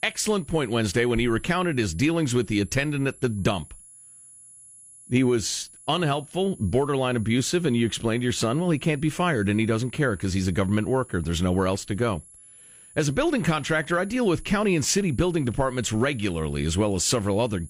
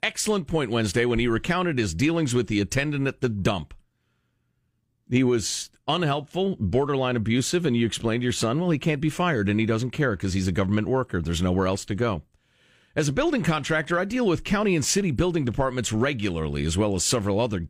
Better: second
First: high-pitched whine; faint; throughout; 10.5 kHz, 20 dB below the speech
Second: none

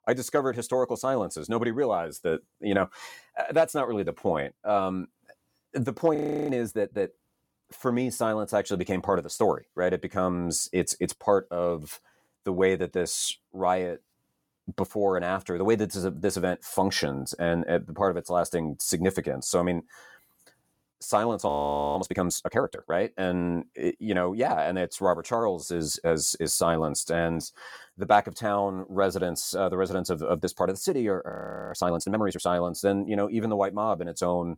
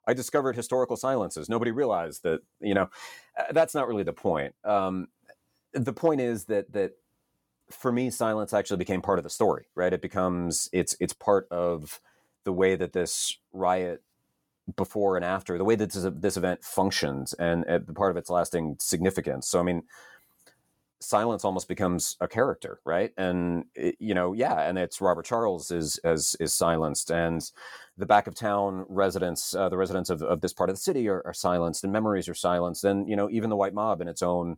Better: second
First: audio freezing; at 6 s, at 21 s and at 31 s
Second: none

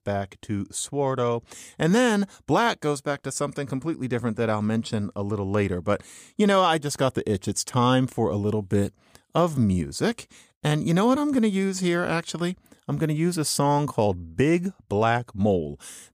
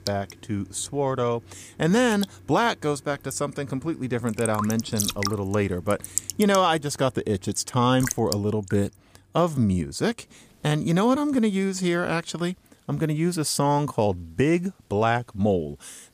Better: first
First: none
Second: rain or running water; loud; throughout; 8 dB below the speech

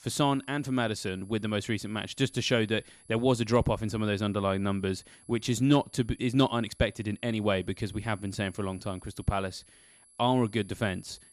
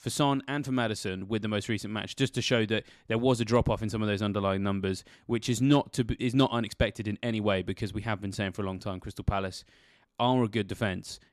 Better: second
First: high-pitched whine; faint; throughout; 11 kHz, 25 dB below the speech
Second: none

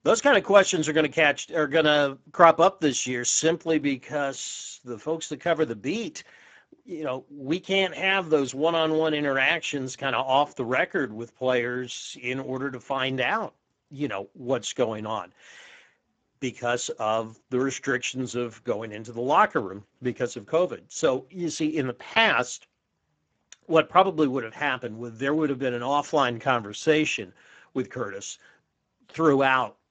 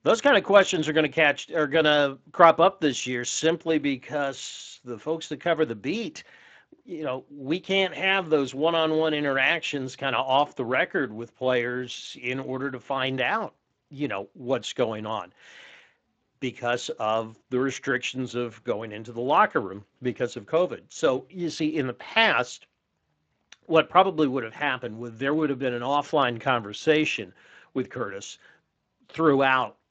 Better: second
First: garbled, watery; badly; nothing above 7.5 kHz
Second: garbled, watery; slightly; nothing above 7.5 kHz

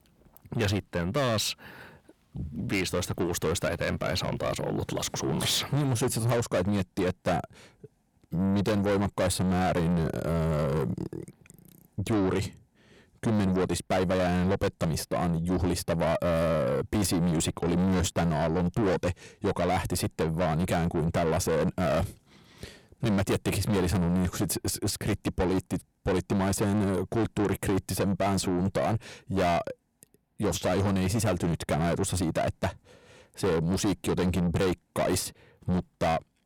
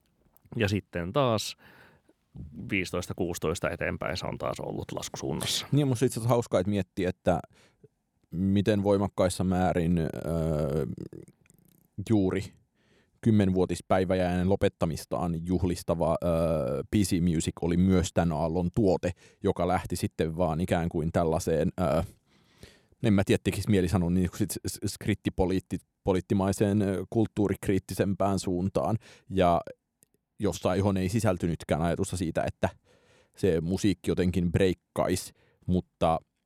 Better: second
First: distortion; heavy; 6 dB below the speech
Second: none

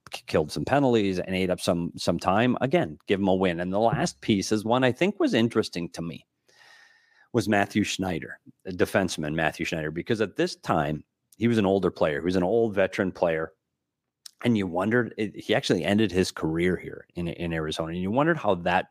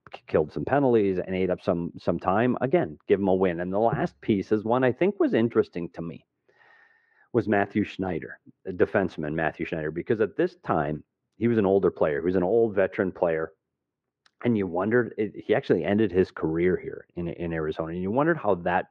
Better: first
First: none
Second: muffled; very; fading above 1.5 kHz

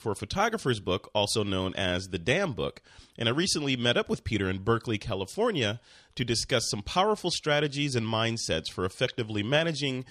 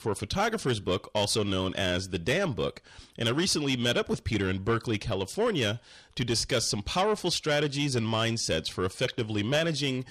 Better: first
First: none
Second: distortion; slight; 10 dB below the speech

